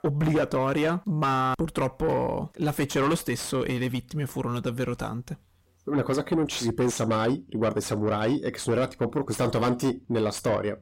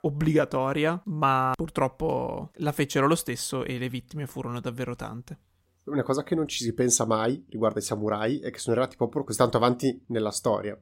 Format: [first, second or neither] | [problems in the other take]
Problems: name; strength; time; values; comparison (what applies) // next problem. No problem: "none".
second | distortion; heavy; 7 dB below the speech